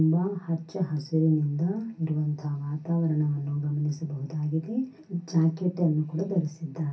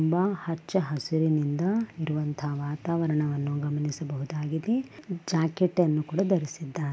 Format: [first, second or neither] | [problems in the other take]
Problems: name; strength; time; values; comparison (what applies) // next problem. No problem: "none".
second | room echo; dies away in 0.3 s